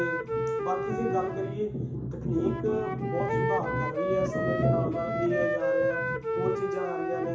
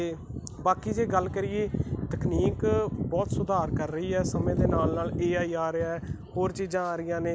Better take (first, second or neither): second